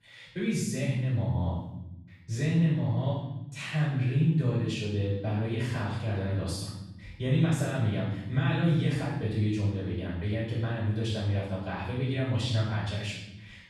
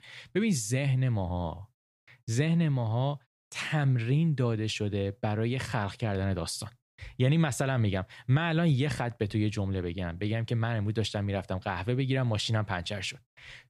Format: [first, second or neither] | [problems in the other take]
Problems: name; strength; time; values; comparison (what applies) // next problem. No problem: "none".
second | room echo; strong; dies away in 0.9 s // off-mic speech; far